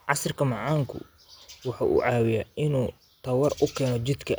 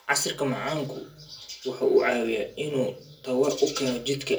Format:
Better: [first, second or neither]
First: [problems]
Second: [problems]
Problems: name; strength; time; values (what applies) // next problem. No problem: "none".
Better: first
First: none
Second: room echo; dies away in 0.2 s